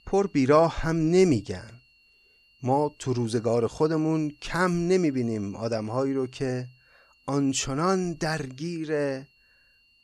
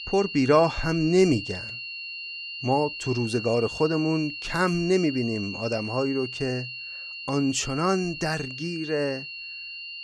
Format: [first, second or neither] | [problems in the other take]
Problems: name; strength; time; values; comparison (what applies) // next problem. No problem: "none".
first | high-pitched whine; loud; throughout; 3 kHz, 9 dB below the speech; faint in the first